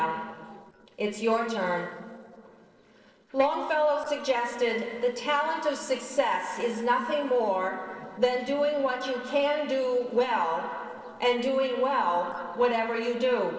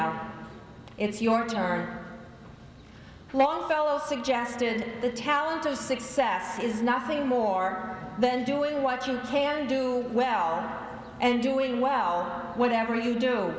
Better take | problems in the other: second | noise reduction (neural separator model SepFormer DNS4)

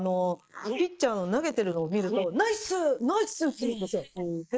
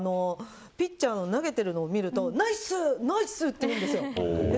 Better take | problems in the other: second | noise reduction (neural mask model Resemble Enhance denoiser)

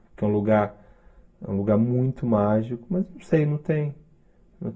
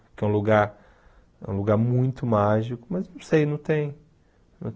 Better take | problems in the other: second | room echo; dies away in 0.2 s

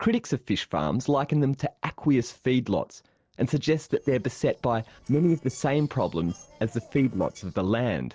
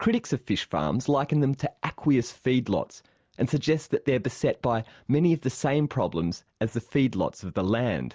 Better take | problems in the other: second | noise reduction (neural separator model SepFormer DNS4)

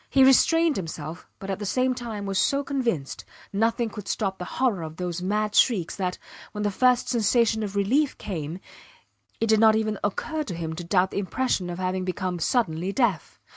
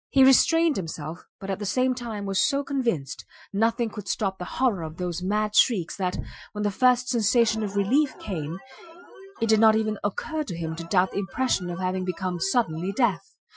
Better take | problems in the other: first | noise reduction (classical method Wiener filter)

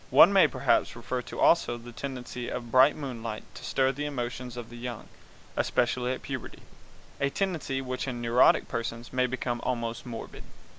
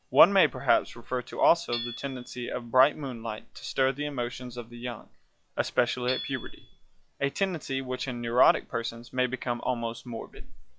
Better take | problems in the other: first | noise reduction (classical method log-MMSE)

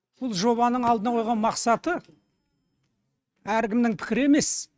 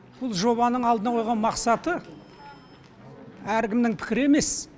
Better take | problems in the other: second | noise reduction (neural mask model RNNoise)

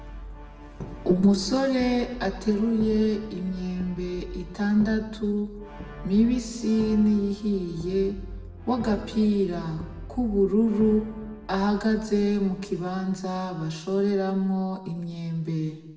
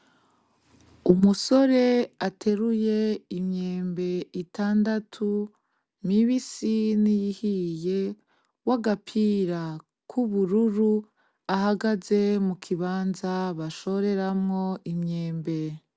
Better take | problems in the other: second | background sound (Brass instrument); 15 dB below the speech // room echo; dies away in 0.9 s

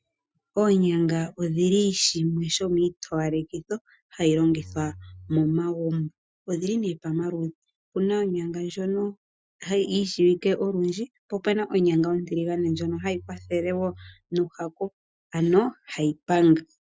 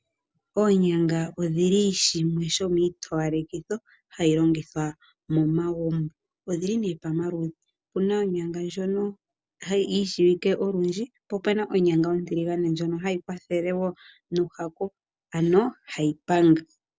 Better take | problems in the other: second | noise reduction (classical method Wiener filter)

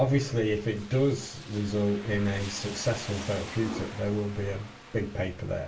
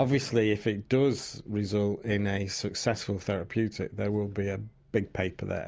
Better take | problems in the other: second | background sound (Rain); 14 dB below the speech // room echo; dies away in 0.3 s

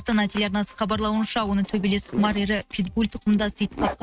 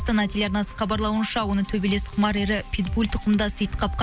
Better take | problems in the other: second | noise reduction (neural mask model RNNoise)

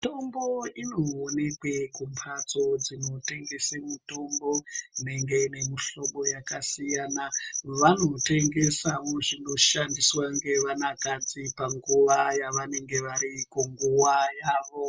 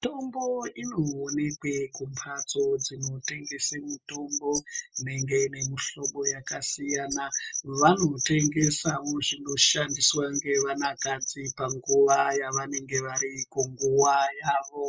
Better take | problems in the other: first | noise reduction (neural mask model Resemble Enhance denoiser)

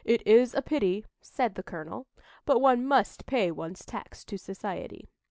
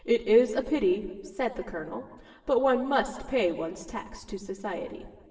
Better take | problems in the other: first | room echo; dies away in 1.3 s

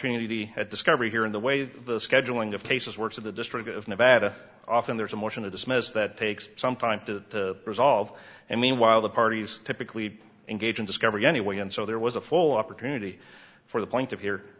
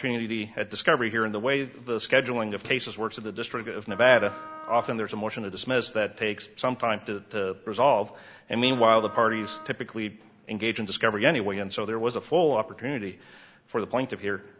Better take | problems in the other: first | background sound (Wind instrument, woodwind instrument); 16 dB below the speech

